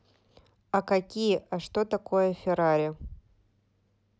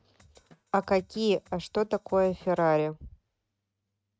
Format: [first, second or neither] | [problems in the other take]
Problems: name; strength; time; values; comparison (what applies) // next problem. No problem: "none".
first | noise reduction (neural mask model RNNoise)